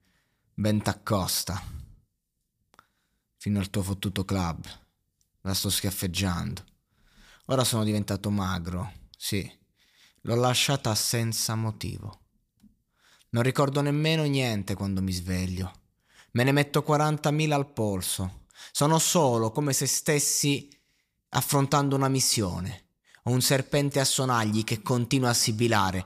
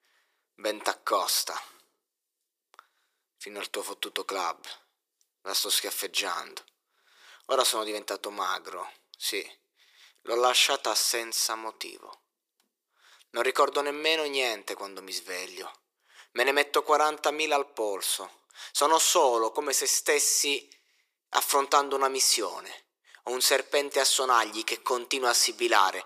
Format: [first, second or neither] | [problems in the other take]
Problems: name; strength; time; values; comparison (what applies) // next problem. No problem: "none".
first | thin; very; fading below 350 Hz